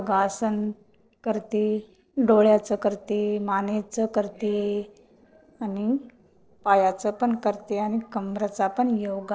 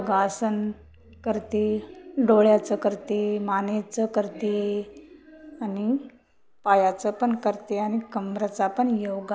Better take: second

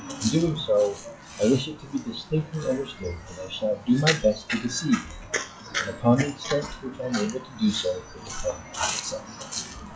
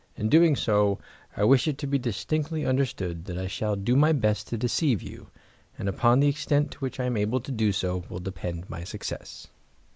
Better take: second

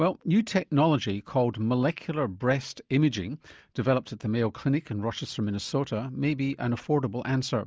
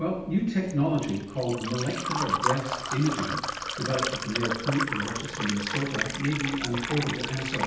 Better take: first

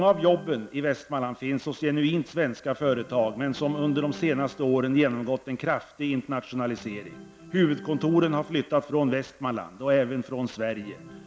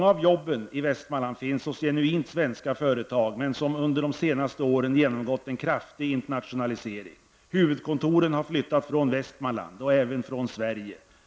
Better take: second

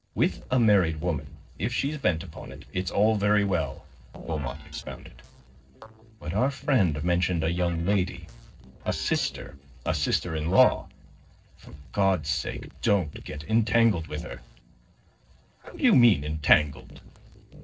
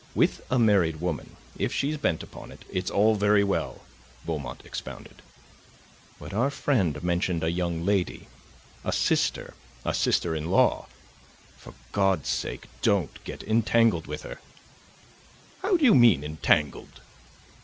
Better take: second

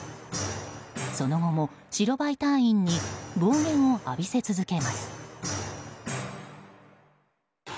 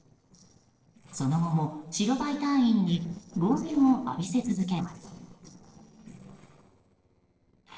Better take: first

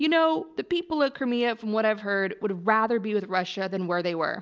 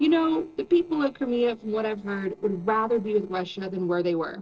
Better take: first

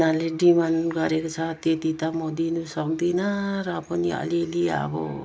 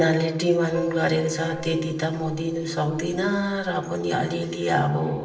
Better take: first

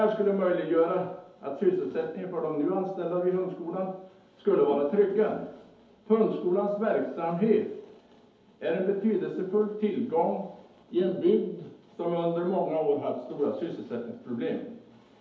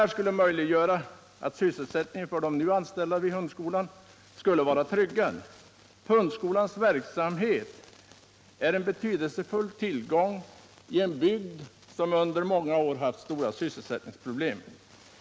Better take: second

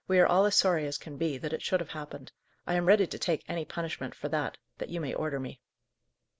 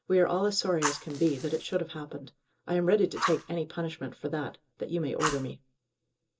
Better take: first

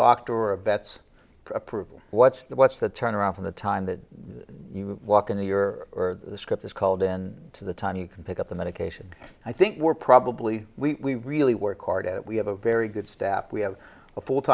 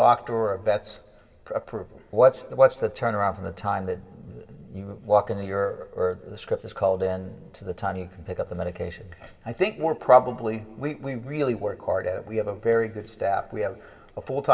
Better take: first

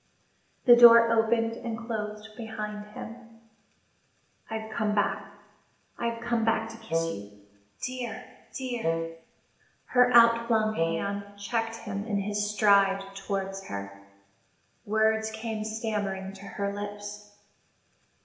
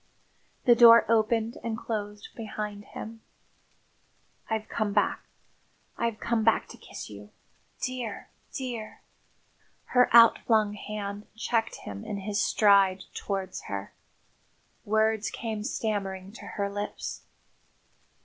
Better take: second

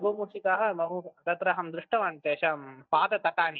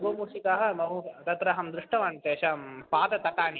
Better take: second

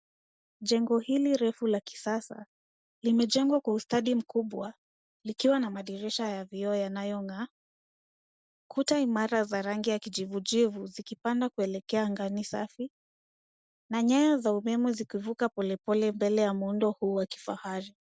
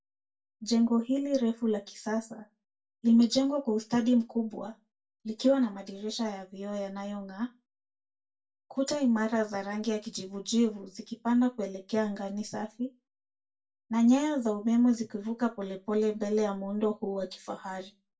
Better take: first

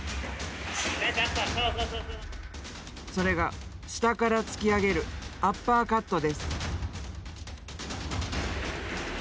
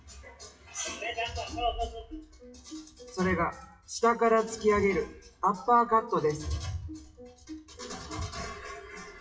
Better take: first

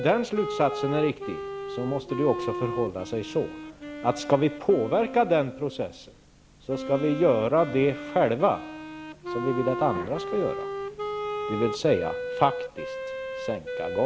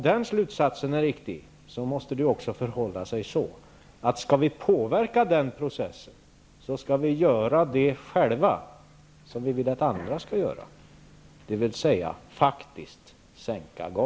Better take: second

